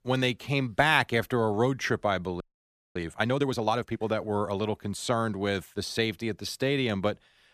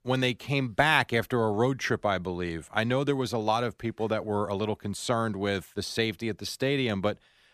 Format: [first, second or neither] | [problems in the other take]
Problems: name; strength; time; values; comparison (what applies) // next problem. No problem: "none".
second | audio freezing; at 2.5 s for 0.5 s